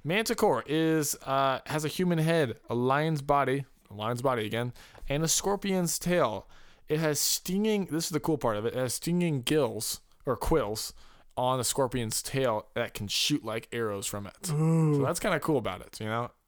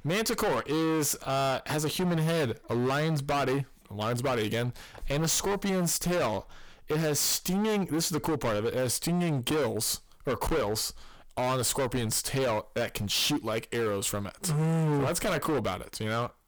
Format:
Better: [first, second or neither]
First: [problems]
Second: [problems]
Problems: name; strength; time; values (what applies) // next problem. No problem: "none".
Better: first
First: none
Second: distortion; heavy; 24% of the sound clipped